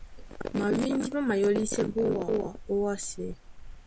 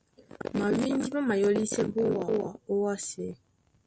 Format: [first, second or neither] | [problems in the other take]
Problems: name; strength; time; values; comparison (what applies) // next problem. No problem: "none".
second | background sound (Wind); 15 dB below the speech